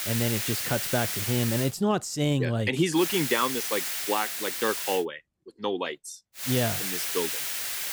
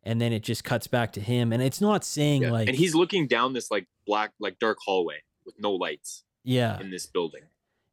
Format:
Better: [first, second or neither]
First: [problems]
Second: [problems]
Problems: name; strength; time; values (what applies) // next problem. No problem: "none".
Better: second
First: hiss; loud; until 1.5 s, from 3 to 5 s and from 6.5 s on; 1 dB below the speech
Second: none